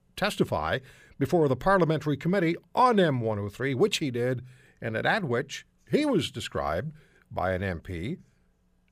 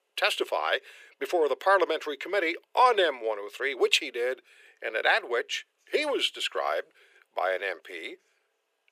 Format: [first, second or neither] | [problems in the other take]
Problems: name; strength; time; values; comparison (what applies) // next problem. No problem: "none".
first | thin; very; fading below 400 Hz